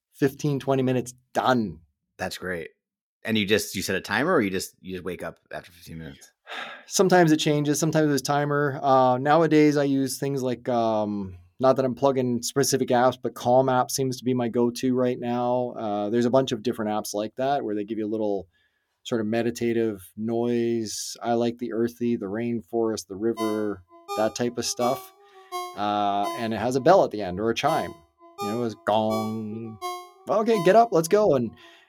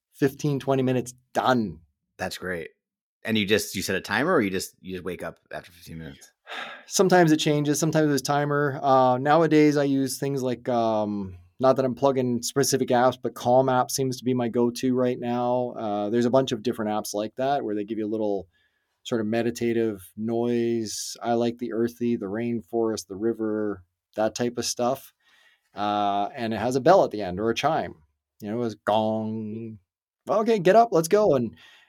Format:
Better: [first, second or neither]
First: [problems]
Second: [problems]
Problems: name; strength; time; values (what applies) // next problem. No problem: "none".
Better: second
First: phone ringing; faint; from 23 to 31 s; peak 10 dB below the speech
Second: none